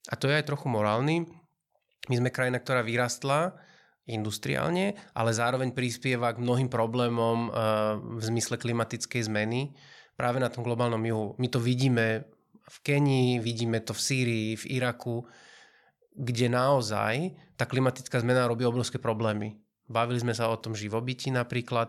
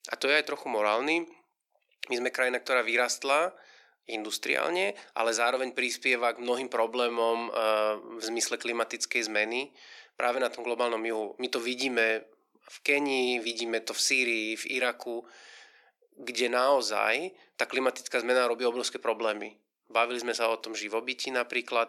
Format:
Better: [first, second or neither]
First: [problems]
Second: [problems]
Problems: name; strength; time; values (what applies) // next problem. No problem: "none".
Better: first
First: none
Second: thin; somewhat; fading below 300 Hz